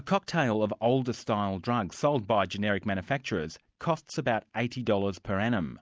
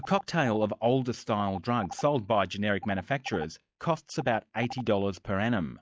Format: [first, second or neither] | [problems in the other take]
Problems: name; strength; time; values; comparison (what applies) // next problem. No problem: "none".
first | noise reduction (classical method log-MMSE)